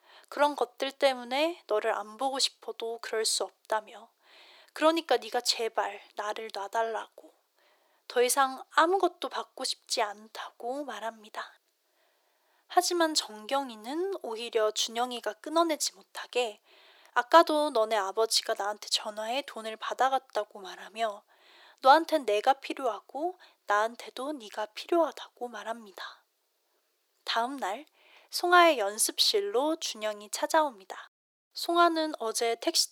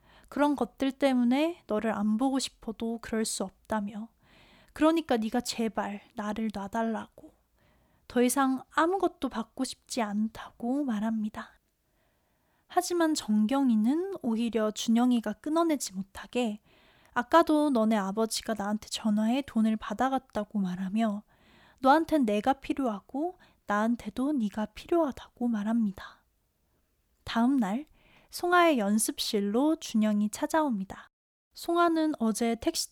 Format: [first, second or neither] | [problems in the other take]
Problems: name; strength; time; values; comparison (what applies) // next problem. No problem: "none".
second | thin; very; fading below 350 Hz